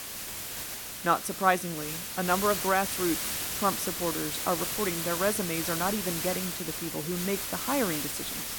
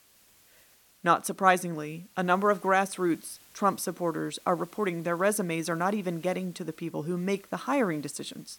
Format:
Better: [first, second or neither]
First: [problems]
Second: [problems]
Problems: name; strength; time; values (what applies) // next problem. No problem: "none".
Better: second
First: hiss; loud; throughout; 1 dB below the speech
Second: hiss; faint; throughout; 25 dB below the speech